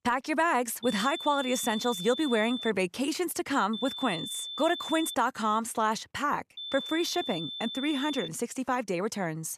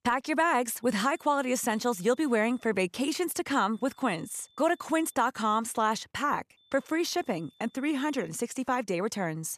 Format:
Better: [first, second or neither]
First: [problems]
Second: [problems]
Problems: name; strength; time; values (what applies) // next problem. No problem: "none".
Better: second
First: high-pitched whine; loud; from 1 to 2.5 s, from 3.5 to 5 s and from 6.5 to 8.5 s; 3.5 kHz, 7 dB below the speech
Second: high-pitched whine; faint; from 1 to 2.5 s, from 3.5 to 5 s and from 6.5 to 8.5 s; 3.5 kHz, 35 dB below the speech